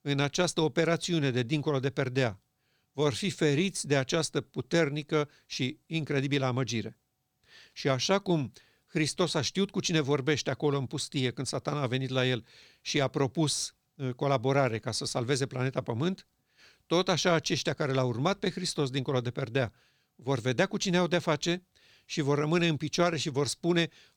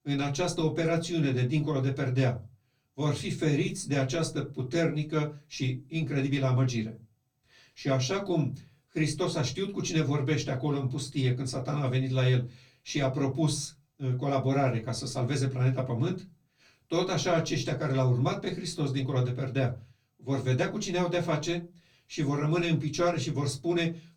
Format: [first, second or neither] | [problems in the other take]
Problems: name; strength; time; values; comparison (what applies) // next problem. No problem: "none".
first | off-mic speech; far // room echo; very slight; dies away in 0.2 s